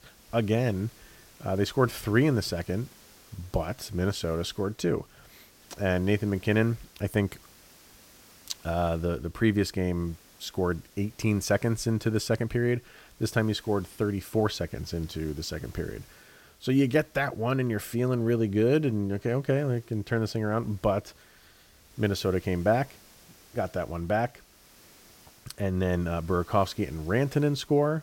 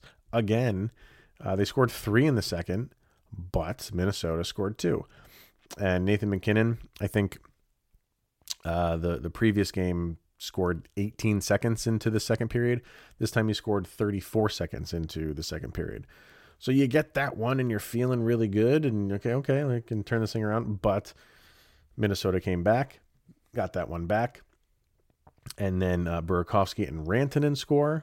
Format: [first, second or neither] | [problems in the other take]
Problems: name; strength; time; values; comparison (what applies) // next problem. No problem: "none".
second | hiss; faint; throughout; 25 dB below the speech